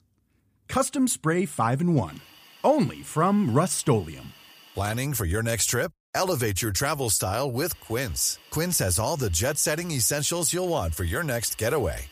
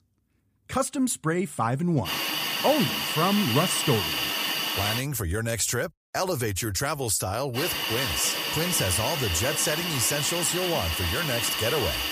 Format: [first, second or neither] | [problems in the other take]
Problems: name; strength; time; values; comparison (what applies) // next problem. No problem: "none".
first | hiss; loud; from 2 to 5 s and from 7.5 s on; as loud as the speech; faint in the first